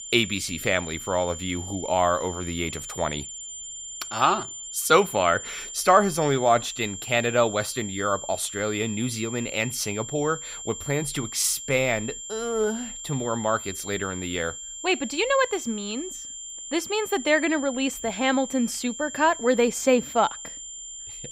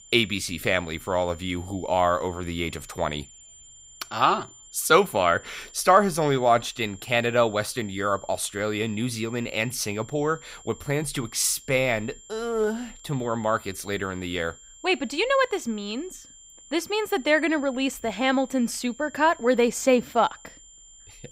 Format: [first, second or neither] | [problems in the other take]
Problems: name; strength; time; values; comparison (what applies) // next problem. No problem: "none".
second | high-pitched whine; loud; throughout; 7.5 kHz, 10 dB below the speech; faint in the second